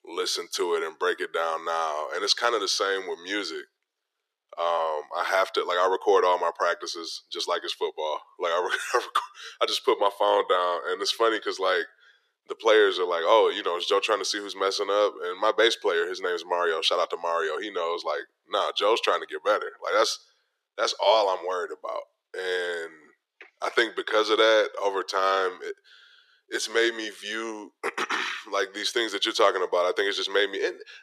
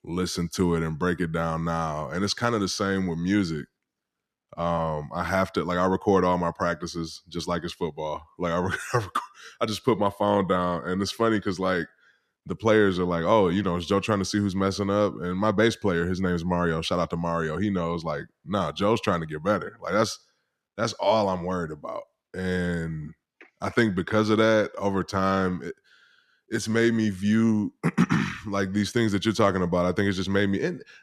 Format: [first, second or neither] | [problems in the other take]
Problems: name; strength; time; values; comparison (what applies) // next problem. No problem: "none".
second | thin; very; fading below 400 Hz